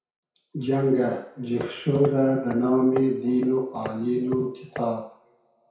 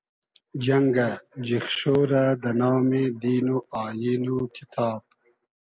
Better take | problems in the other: second | background sound (Hammer); 15 dB below the speech // room echo; dies away in 0.6 s

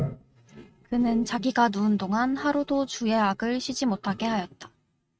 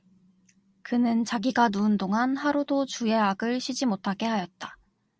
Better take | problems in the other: second | noise reduction (neural mask model RNNoise)

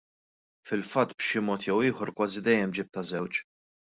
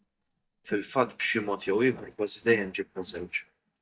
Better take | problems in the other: first | noise reduction (neural mask model DeepFilterNet 3)

